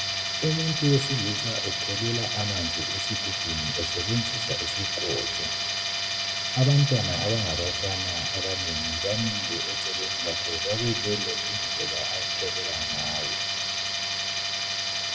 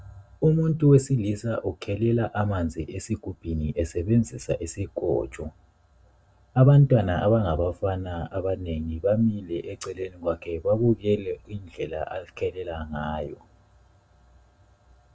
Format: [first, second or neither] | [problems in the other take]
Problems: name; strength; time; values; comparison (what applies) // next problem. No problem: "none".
second | background sound (Tools); 2 dB above the speech // room echo; dies away in 1.1 s